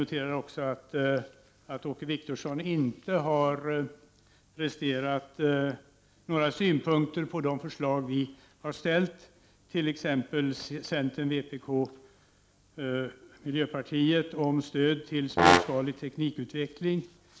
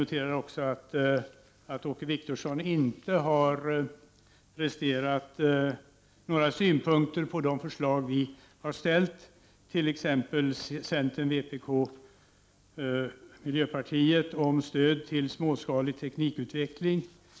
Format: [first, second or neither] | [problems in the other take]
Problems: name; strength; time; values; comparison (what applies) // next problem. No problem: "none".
second | background sound (Brass instrument); 5 dB above the speech